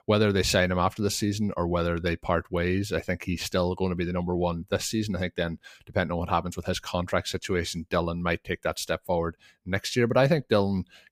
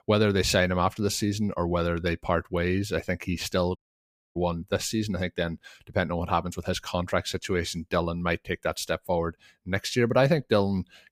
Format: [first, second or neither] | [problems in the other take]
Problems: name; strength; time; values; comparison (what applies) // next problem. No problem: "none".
first | audio cutting out; at 4 s for 0.5 s